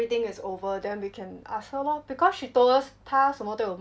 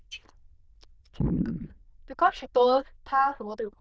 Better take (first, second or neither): first